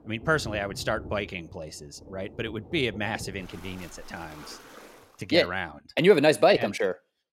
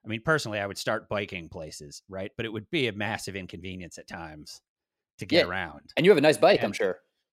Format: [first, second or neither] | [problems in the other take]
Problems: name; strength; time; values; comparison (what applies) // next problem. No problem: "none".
second | rain or running water; noticeable; until 5 s; 20 dB below the speech